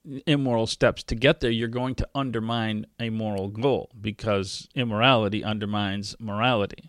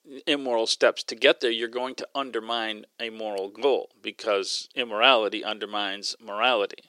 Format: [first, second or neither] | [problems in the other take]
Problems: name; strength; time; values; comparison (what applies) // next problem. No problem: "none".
first | thin; somewhat; fading below 350 Hz